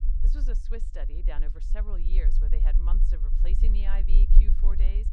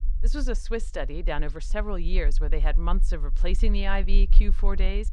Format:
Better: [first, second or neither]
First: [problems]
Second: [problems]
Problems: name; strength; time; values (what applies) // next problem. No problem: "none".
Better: second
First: low rumble; loud; throughout; 5 dB below the speech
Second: low rumble; faint; throughout; 20 dB below the speech